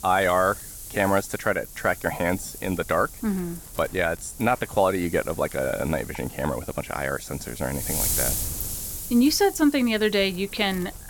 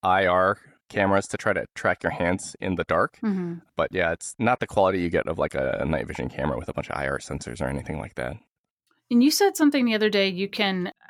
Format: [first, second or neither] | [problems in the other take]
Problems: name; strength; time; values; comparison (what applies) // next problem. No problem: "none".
second | wind noise on the microphone; occasional gusts; 10 dB below the speech